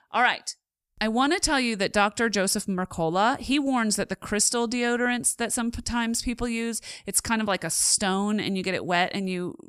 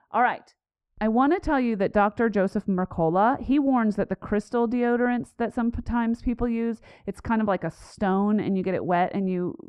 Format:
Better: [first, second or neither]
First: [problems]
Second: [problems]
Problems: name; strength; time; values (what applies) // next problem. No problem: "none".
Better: first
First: none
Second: muffled; very; fading above 3 kHz